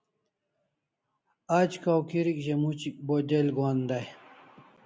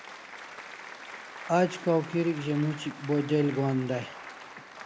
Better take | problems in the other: first | background sound (Applause); 14 dB below the speech

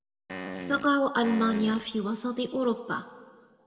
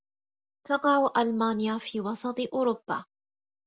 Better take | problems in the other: second | background sound (Fart); 10 dB below the speech // room echo; dies away in 1.4 s

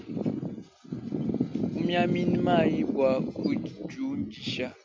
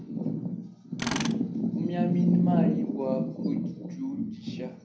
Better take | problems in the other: first | background sound (Tools); 13 dB below the speech // room echo; dies away in 0.6 s

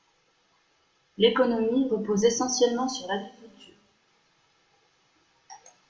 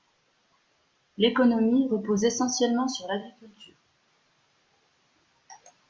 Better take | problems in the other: second | room echo; dies away in 0.8 s

